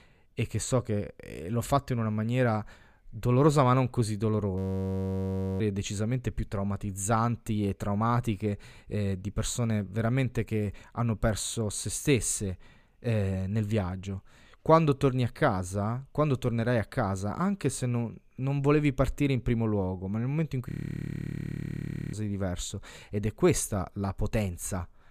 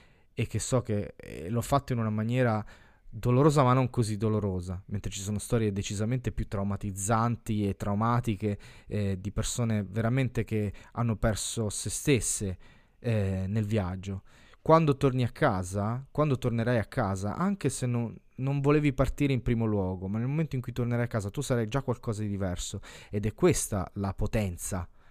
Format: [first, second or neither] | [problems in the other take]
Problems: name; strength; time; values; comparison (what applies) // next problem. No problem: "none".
second | audio freezing; at 4.5 s for 1 s and at 21 s for 1.5 s